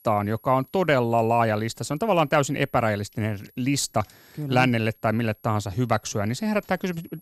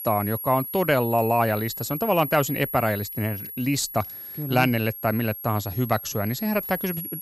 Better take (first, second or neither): first